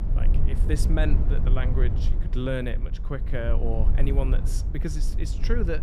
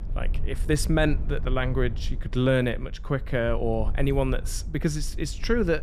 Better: second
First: low rumble; loud; throughout; 8 dB below the speech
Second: low rumble; faint; throughout; 20 dB below the speech

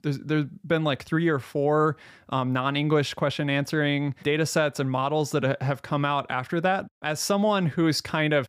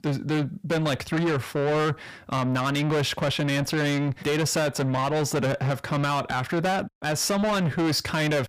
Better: first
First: none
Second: distortion; heavy; 7 dB below the speech

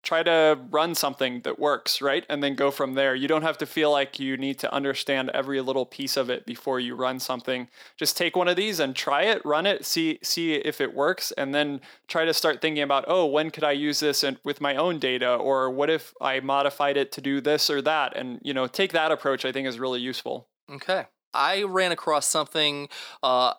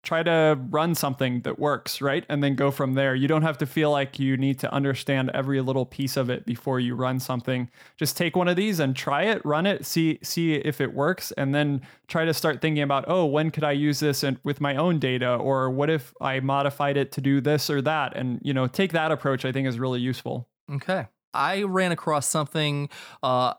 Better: second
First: thin; somewhat; fading below 400 Hz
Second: none

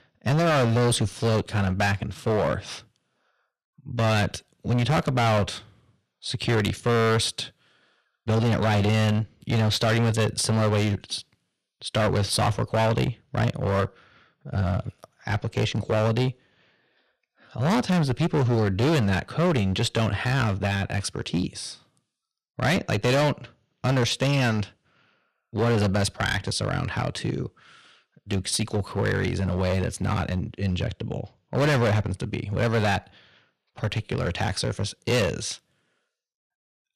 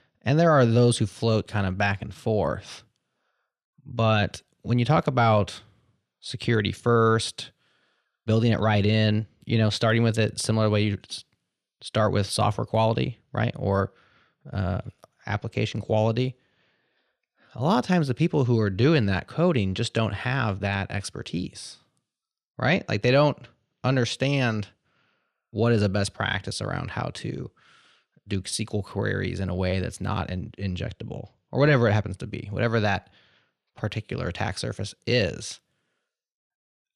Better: second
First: distortion; heavy; 13% of the sound clipped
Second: none

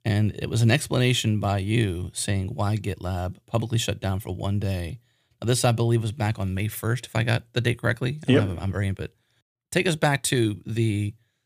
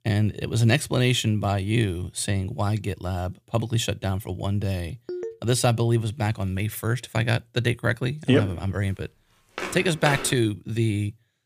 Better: first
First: none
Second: phone ringing; noticeable; at 5 s; peak 9 dB below the speech // footsteps; noticeable; at 9.5 s; peak 4 dB below the speech

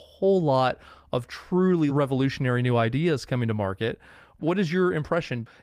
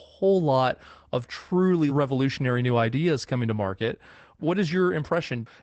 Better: first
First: garbled, watery; slightly; nothing above 15 kHz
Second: garbled, watery; badly; nothing above 8 kHz

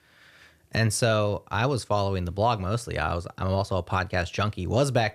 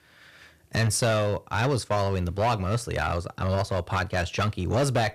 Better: first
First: none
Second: distortion; slight; 9% of the sound clipped

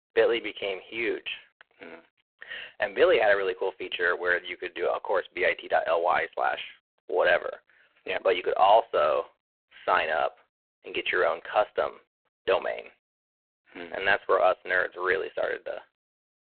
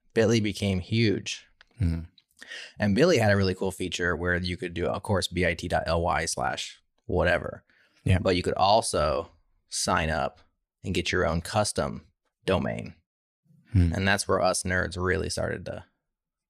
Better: second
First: phone-call audio; poor line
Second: none

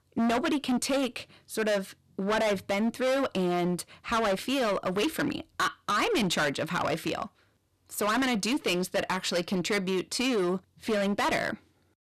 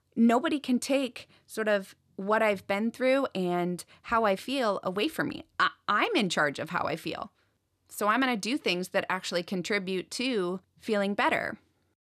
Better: second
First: distortion; heavy; 18% of the sound clipped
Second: none

